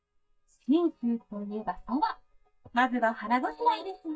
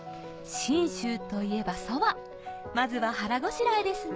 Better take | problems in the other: second | noise reduction (neural mask model DeepFilterNet 3)

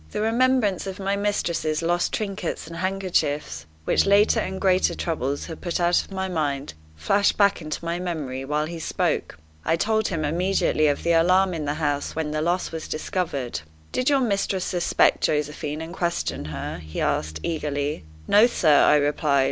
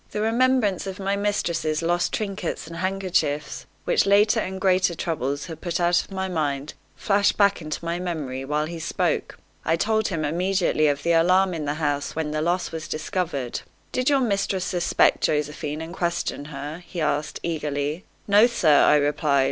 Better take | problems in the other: second | background sound (Bass guitar); 17 dB below the speech

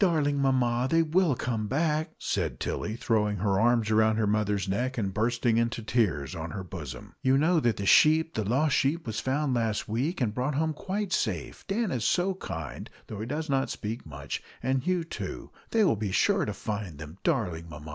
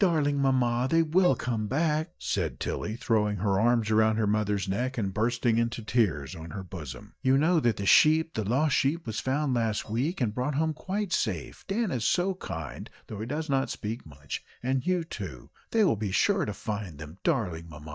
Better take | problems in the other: first | noise reduction (neural mask model DeepFilterNet 3)

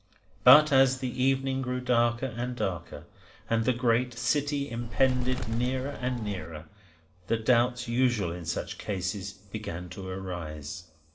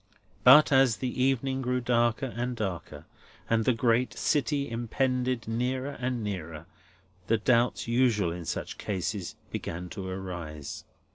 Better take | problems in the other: second | background sound (Bird); 1 dB below the speech // room echo; dies away in 0.8 s

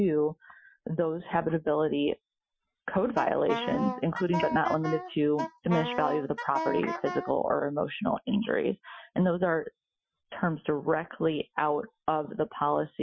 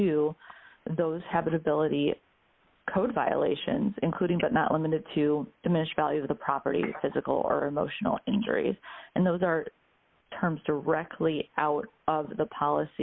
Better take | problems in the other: second | noise reduction (classical method Wiener filter)

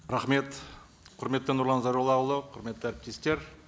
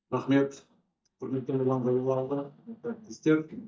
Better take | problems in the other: first | noise reduction (neural mask model DeepFilterNet 3)

